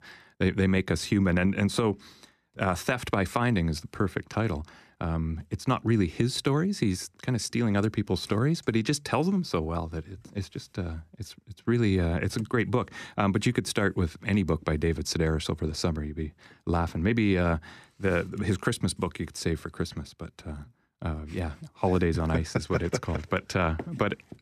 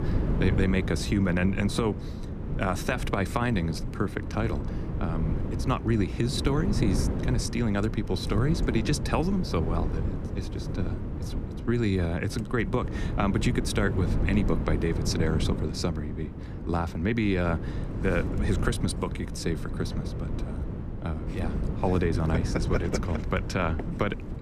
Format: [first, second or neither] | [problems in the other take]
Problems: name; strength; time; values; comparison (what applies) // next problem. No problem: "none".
first | wind noise on the microphone; heavy; 9 dB below the speech